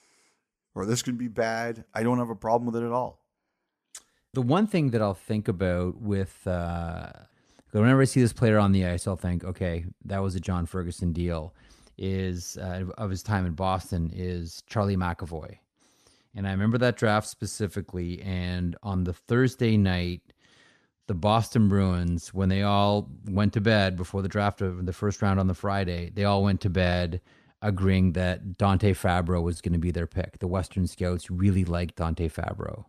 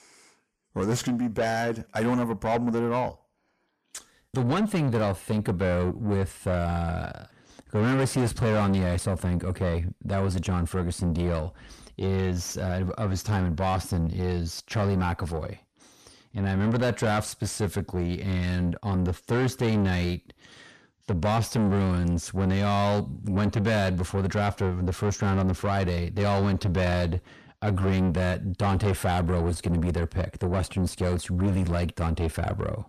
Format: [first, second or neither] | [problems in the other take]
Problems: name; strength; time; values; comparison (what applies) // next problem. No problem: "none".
first | distortion; heavy; 7 dB below the speech